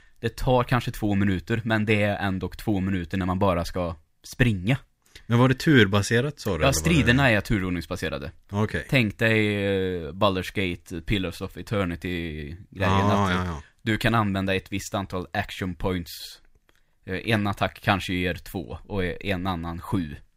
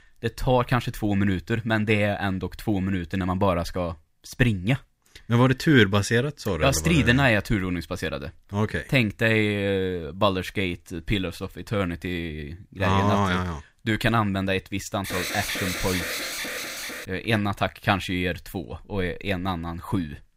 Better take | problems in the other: first | alarm; noticeable; from 15 to 17 s; peak 3 dB below the speech

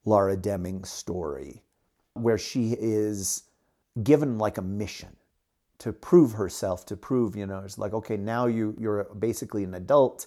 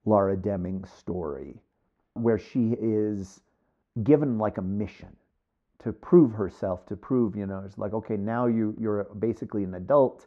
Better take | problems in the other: first | muffled; very; fading above 2 kHz

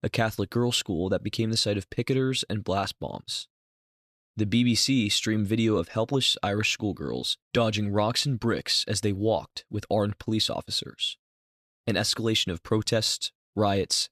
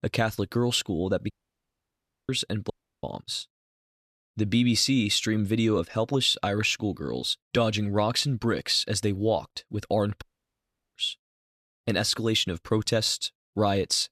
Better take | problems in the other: first | audio cutting out; at 1.5 s for 1 s, at 2.5 s and at 10 s for 0.5 s

